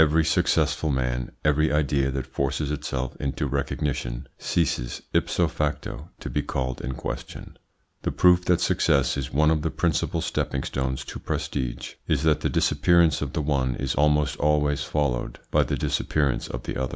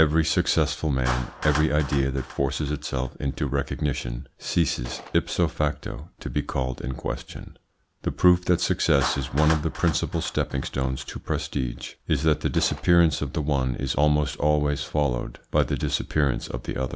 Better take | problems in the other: first | background sound (Gunshot, gunfire + Clapping); 17 dB below the speech

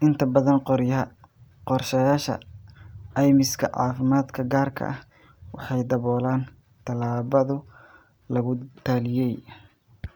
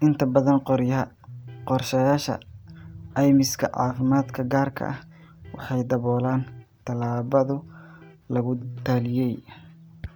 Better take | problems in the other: first | background sound (Electric guitar); 19 dB below the speech

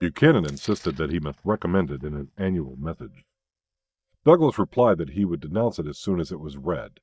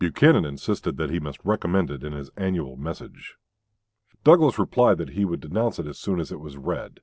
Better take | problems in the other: second | noise reduction (neural mask model DeepFilterNet 3)

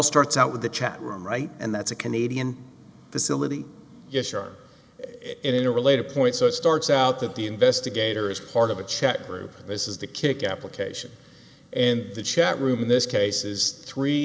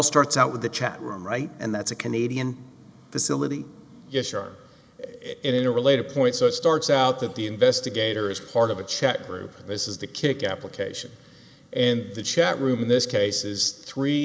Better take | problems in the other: first | noise reduction (neural mask model Resemble Enhance denoiser)

